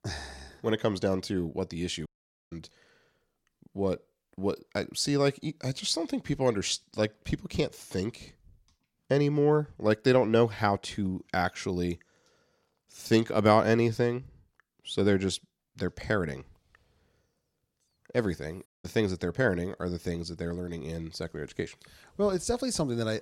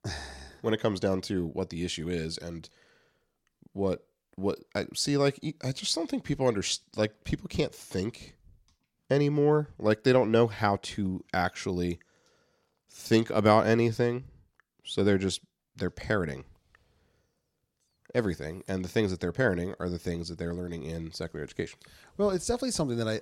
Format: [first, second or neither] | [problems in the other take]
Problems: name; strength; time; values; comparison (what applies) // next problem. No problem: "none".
second | audio cutting out; at 2 s and at 19 s